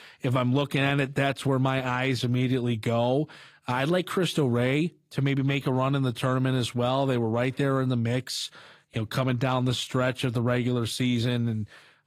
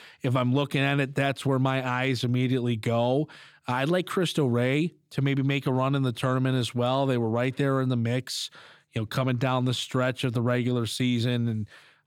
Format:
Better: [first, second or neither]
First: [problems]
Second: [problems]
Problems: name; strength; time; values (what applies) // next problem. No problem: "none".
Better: second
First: garbled, watery; slightly; nothing above 14.5 kHz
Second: none